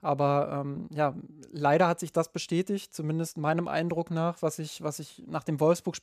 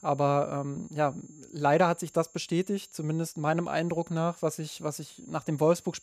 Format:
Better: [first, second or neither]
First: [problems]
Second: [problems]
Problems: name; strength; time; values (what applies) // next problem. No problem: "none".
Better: first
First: none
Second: high-pitched whine; faint; throughout; 7 kHz, 25 dB below the speech